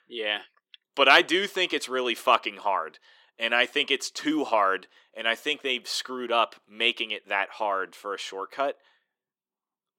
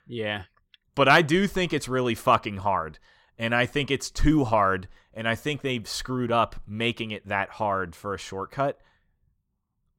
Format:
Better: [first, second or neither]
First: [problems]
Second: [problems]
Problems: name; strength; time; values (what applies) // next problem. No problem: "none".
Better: second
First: thin; somewhat; fading below 300 Hz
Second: none